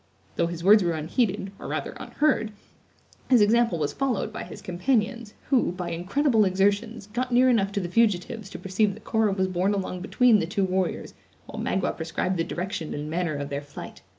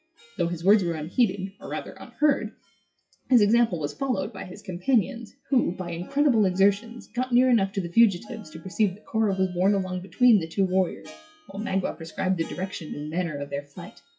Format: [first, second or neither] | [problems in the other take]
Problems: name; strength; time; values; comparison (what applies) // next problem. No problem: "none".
first | noise reduction (classical method WPE with log-MMSE)